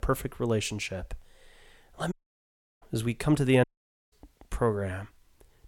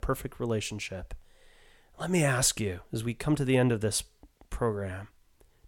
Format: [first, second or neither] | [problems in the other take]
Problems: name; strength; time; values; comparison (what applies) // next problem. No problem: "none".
second | audio cutting out; at 2 s for 0.5 s and at 3.5 s